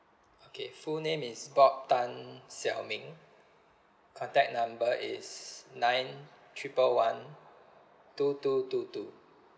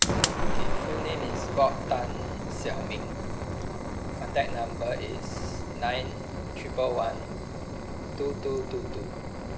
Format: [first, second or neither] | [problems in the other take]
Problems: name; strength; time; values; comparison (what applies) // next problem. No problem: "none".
first | background sound (Fire); 3 dB above the speech